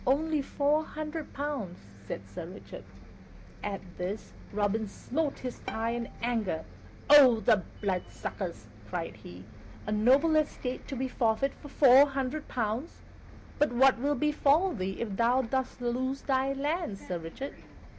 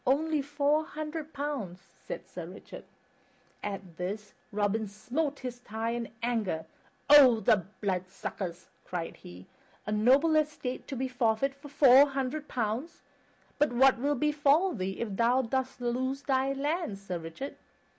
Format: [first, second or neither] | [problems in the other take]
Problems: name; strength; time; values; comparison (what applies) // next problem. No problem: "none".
second | background sound (Bus + Bowed string instrument); 17 dB below the speech